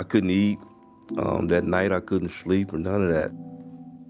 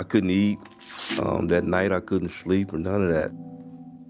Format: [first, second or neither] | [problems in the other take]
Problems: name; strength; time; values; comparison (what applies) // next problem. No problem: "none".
first | background sound (Tearing); 17 dB below the speech